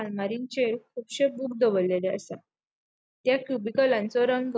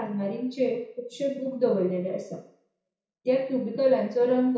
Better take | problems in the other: first | room echo; dies away in 0.6 s

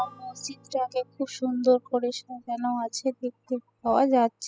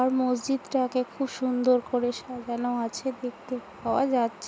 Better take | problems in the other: second | noise reduction (classical method spectral subtraction)

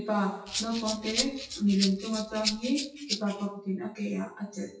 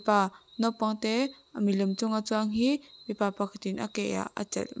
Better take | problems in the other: second | noise reduction (classical method WPE with log-MMSE)

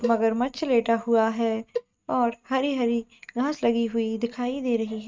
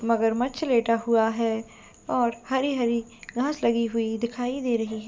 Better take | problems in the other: second | noise reduction (neural mask model RNNoise)

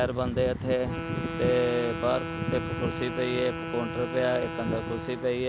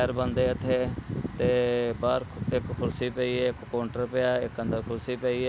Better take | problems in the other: second | background sound (Wind instrument, woodwind instrument); 7 dB below the speech

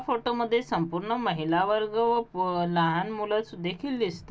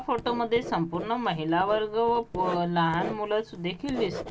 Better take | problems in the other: first | background sound (Writing); 11 dB below the speech

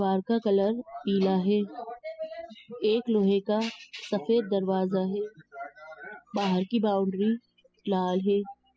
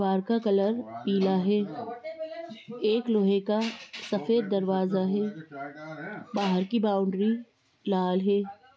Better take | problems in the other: second | noise reduction (classical method spectral subtraction)

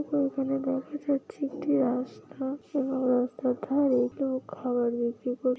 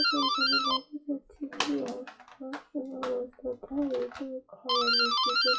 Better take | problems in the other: first | noise reduction (classical method WPE with log-MMSE)

